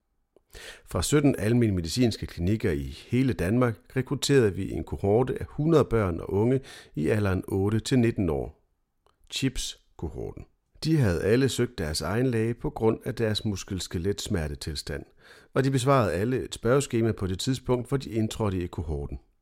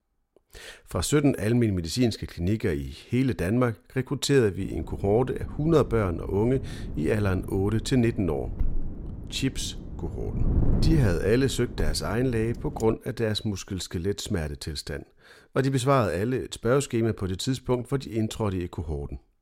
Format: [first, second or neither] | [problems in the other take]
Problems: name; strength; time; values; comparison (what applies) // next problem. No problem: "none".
first | wind noise on the microphone; occasional gusts; from 4.5 to 13 s; 15 dB below the speech